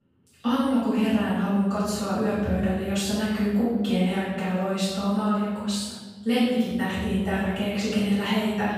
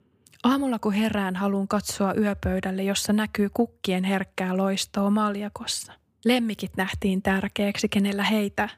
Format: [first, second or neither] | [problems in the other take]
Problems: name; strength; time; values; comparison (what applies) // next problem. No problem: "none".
second | off-mic speech; far // room echo; strong; dies away in 1.5 s